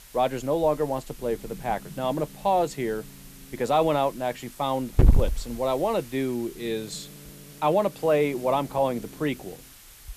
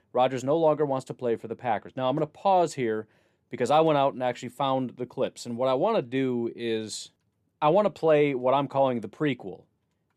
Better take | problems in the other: second | hiss; loud; throughout; 5 dB below the speech

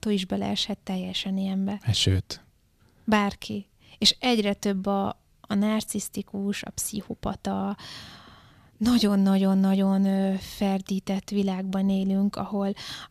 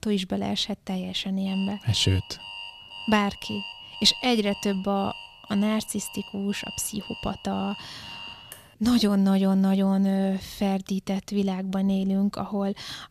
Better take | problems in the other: first | alarm; noticeable; from 1.5 to 8.5 s; peak 10 dB below the speech

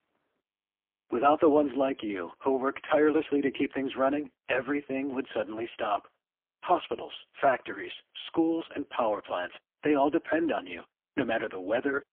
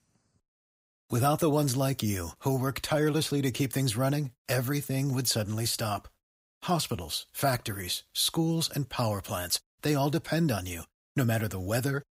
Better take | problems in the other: second | phone-call audio; poor line; nothing above 3.5 kHz

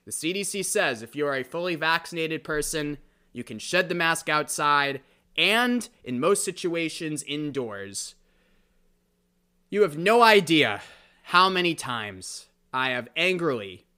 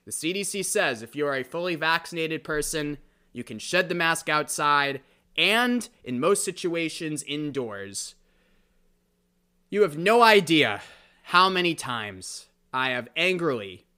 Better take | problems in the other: neither | none

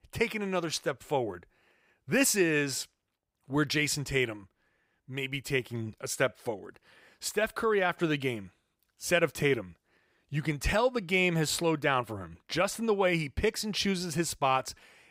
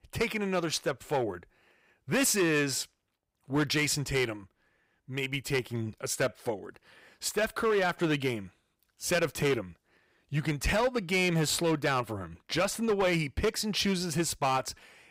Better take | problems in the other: first | distortion; slight; 6% of the sound clipped

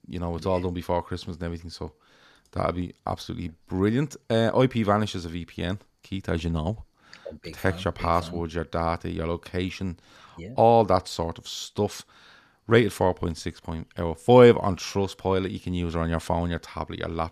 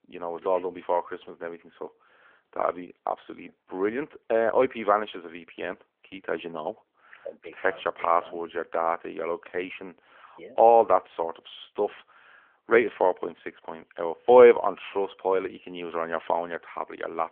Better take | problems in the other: first | phone-call audio; nothing above 3.5 kHz

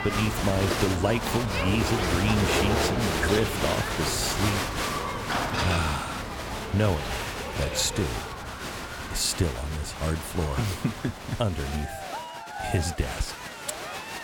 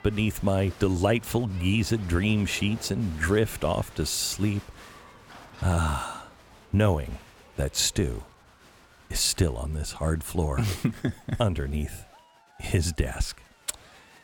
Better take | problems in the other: second | crowd noise; loud; throughout; 1 dB below the speech; faint in the second

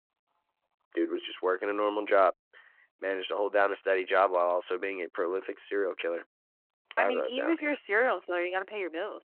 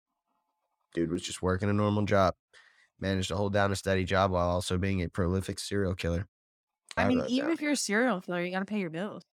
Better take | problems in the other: second | phone-call audio

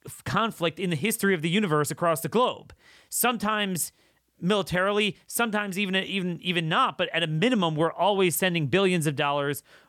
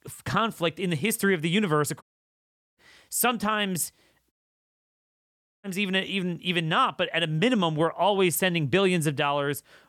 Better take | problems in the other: first | audio cutting out; at 2 s for 1 s and at 4.5 s for 1.5 s

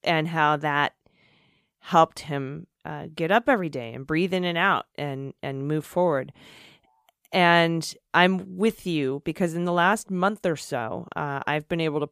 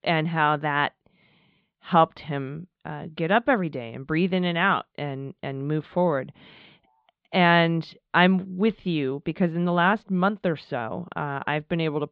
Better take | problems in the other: first | muffled; very slightly; fading above 4 kHz

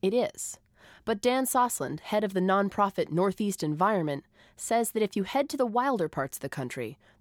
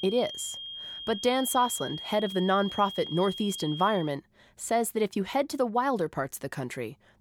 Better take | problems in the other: first | high-pitched whine; loud; until 4 s; 3.5 kHz, 8 dB below the speech

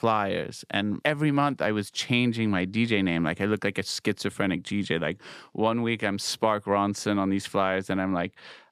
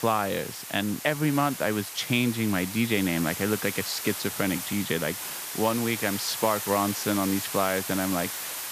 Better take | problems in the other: first | hiss; loud; throughout; 6 dB below the speech

